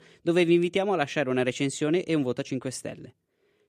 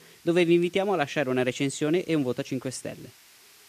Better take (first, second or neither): first